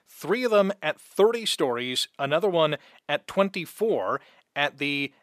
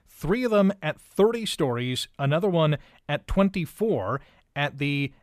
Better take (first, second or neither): second